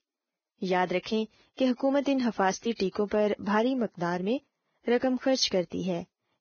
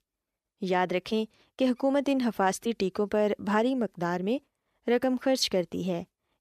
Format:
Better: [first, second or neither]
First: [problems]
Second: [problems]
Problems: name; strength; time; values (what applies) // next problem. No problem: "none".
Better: second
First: garbled, watery; badly; nothing above 6.5 kHz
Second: none